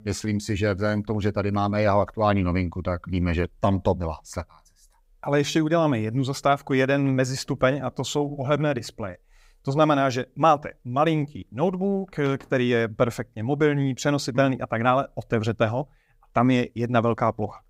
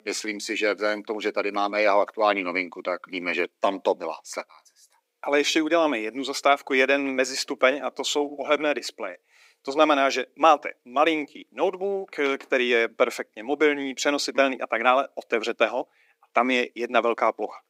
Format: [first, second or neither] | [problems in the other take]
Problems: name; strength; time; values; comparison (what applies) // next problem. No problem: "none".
first | thin; somewhat; fading below 300 Hz